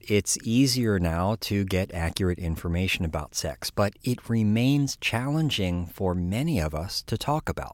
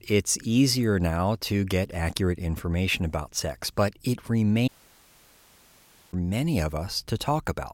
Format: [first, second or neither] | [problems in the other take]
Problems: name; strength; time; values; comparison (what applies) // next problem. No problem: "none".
first | audio cutting out; at 4.5 s for 1.5 s